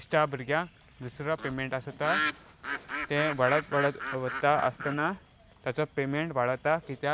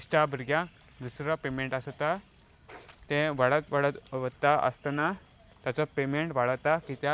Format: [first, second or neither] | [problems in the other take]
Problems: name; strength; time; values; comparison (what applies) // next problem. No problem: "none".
second | background sound (Bird); 5 dB below the speech